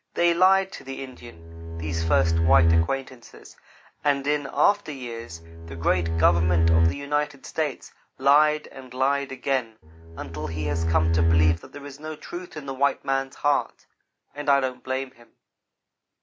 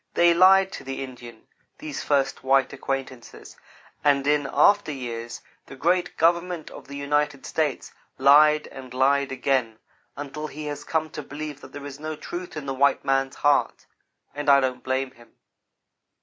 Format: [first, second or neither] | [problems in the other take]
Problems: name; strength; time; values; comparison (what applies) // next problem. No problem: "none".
second | background sound (Bowed string instrument); 4 dB above the speech